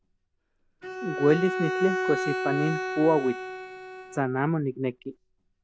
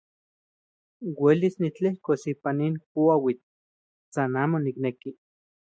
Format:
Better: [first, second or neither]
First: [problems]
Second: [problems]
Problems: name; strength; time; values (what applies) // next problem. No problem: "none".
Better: second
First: background sound (Bowed string instrument); 5 dB below the speech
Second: none